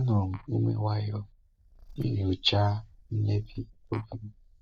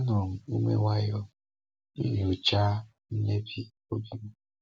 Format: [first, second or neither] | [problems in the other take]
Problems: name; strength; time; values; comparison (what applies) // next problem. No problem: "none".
second | noise reduction (neural mask model DeepFilterNet 3)